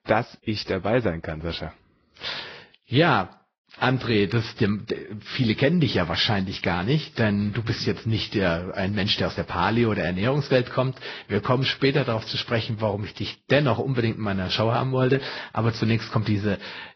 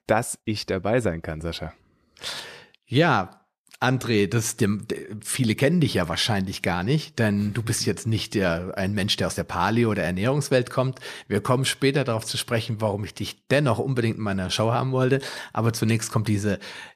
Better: second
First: garbled, watery; badly; nothing above 5.5 kHz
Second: none

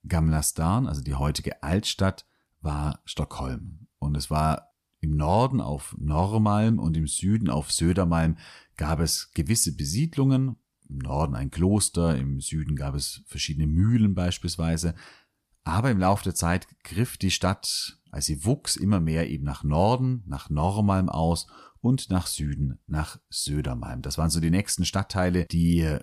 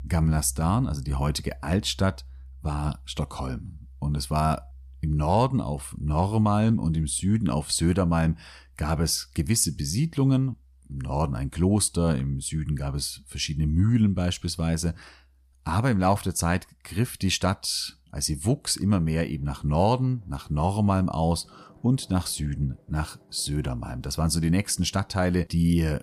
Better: first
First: none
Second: background music; faint; throughout; 25 dB below the speech

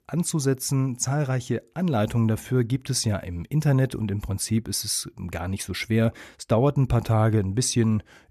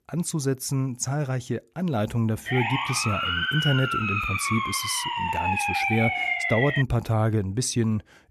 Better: first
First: none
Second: siren; loud; from 2.5 to 7 s; peak 3 dB above the speech

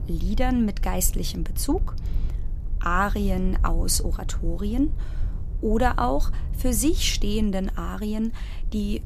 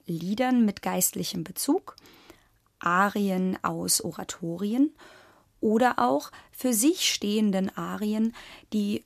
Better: second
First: low rumble; faint; throughout; 20 dB below the speech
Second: none

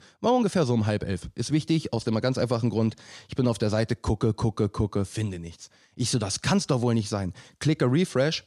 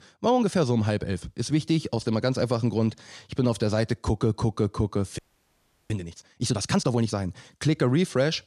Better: first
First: none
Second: audio freezing; at 5 s for 0.5 s

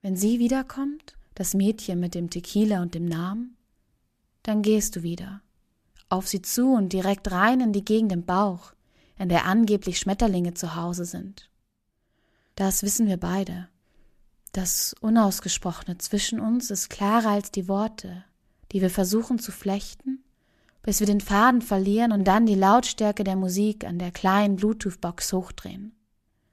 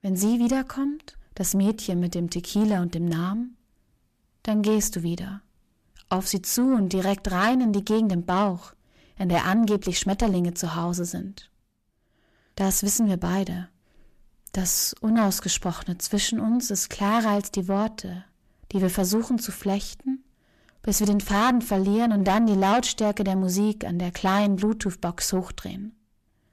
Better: first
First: none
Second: distortion; slight; 10 dB below the speech

